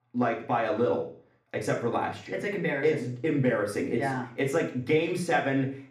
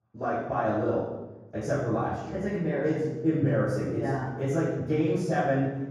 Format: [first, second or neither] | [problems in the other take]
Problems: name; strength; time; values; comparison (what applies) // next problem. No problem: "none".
first | room echo; strong; dies away in 1.3 s; slight in the first // off-mic speech; far; far in the first